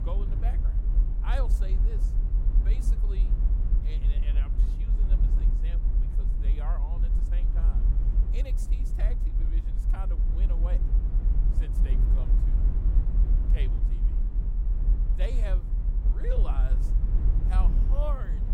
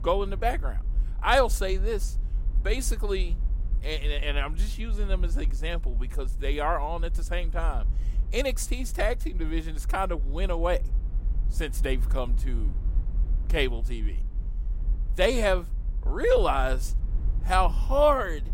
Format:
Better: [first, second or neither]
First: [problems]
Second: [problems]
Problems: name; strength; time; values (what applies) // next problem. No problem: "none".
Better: second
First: low rumble; loud; throughout; 3 dB below the speech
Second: low rumble; faint; throughout; 25 dB below the speech